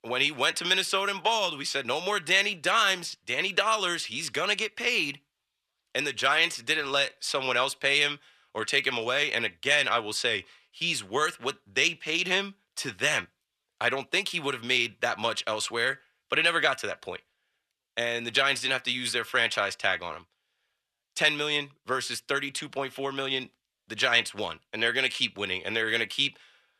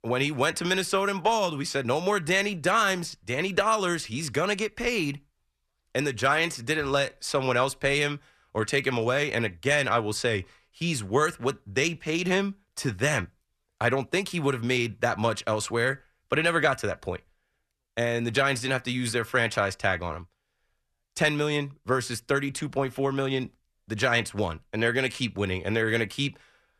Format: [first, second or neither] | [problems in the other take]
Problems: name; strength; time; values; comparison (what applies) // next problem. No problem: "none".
second | thin; somewhat; fading below 550 Hz